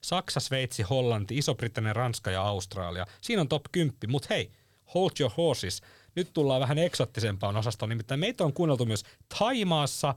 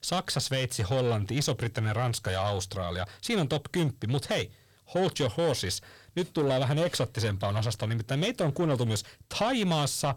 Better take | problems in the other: first | distortion; slight; 10 dB below the speech

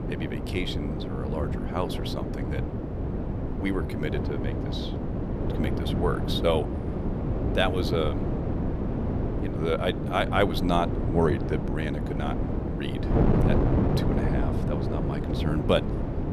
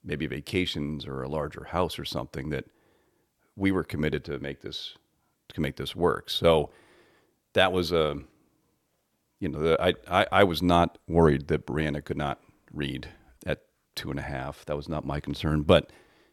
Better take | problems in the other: second | wind noise on the microphone; heavy; 4 dB below the speech

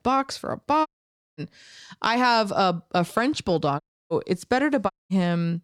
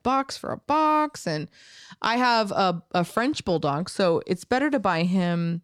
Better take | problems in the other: second | audio cutting out; at 1 s for 0.5 s, at 4 s and at 5 s

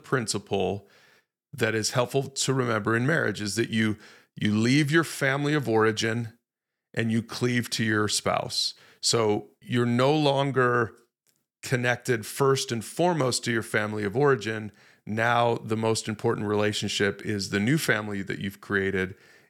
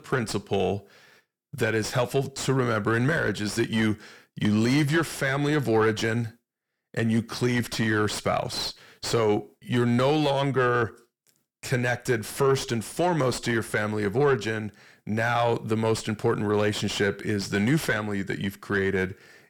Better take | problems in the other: first | distortion; slight; 9 dB below the speech

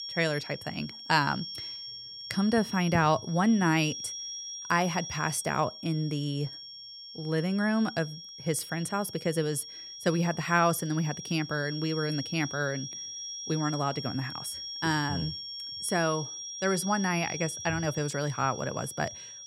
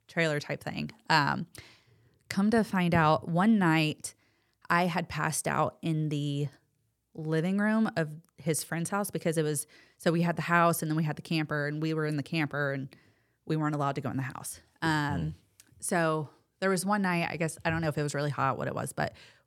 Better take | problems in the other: second | high-pitched whine; loud; throughout; 5.5 kHz, 9 dB below the speech

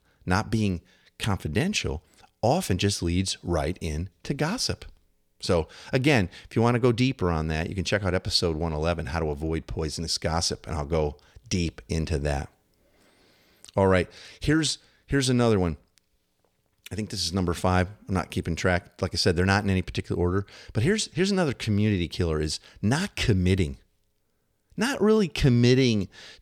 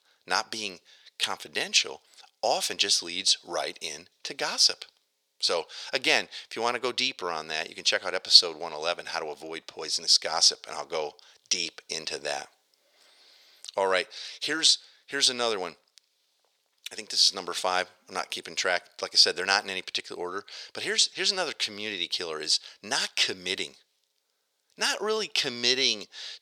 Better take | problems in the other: first | thin; very; fading below 650 Hz

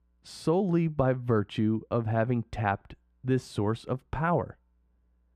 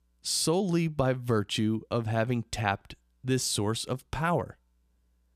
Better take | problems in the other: second | muffled; very; fading above 3 kHz

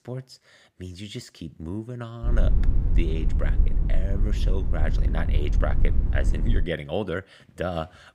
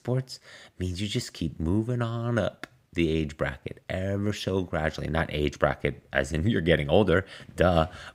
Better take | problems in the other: second | low rumble; loud; from 2.5 to 6.5 s; 8 dB below the speech

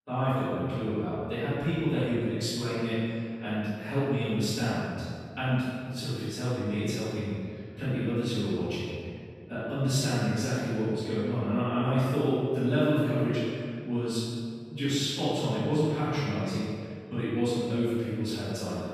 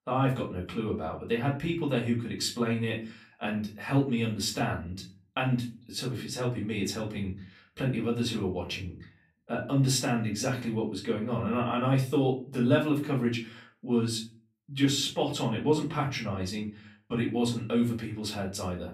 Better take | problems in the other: second | room echo; strong; dies away in 2 s; slight in the second // off-mic speech; far; far in the second

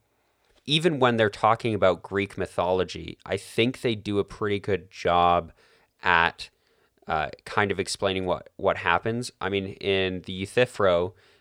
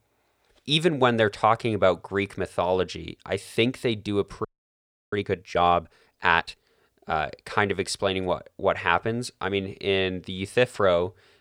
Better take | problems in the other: first | audio freezing; at 4.5 s for 0.5 s

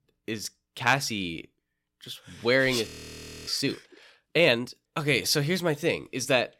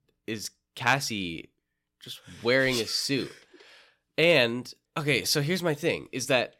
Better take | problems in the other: second | audio freezing; at 3 s for 0.5 s

